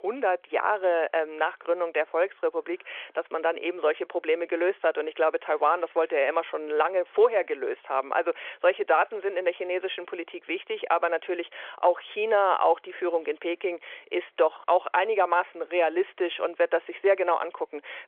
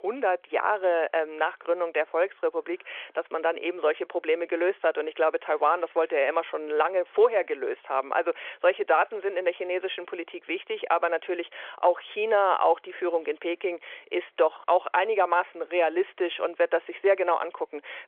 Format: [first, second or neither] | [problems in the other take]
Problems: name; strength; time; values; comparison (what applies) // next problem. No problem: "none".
neither | phone-call audio; nothing above 3.5 kHz; the same in both